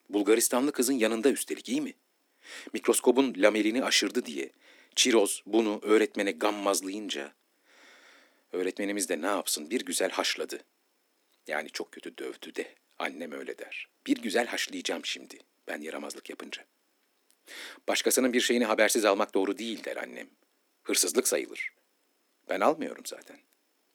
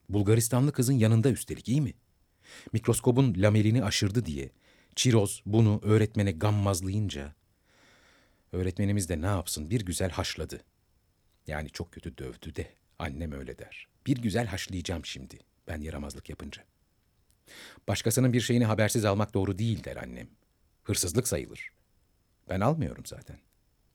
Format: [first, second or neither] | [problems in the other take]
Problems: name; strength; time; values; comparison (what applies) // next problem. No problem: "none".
second | thin; somewhat; fading below 250 Hz